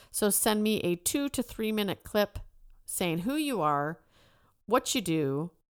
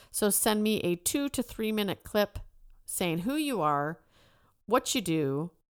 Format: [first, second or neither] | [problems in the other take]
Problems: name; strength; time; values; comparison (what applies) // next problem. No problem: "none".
neither | none